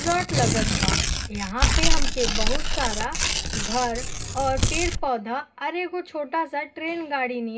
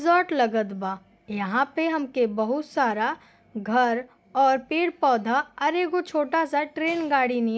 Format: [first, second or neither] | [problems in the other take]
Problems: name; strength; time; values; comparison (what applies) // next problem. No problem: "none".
second | background sound (Tearing); 4 dB above the speech // room echo; dies away in 0.2 s